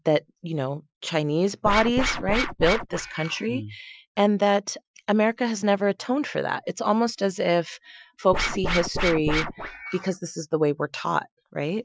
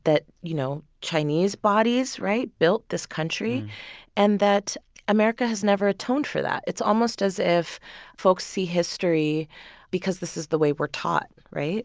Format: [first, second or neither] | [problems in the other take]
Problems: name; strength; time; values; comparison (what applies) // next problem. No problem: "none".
second | noise reduction (classical method Wiener filter)